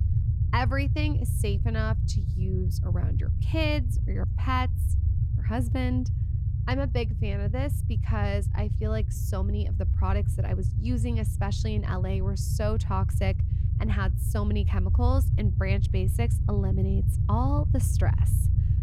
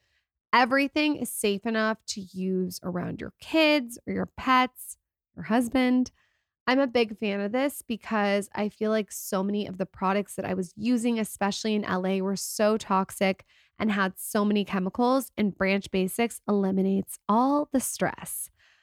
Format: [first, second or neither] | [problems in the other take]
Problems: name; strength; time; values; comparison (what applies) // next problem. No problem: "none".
second | low rumble; loud; throughout; 8 dB below the speech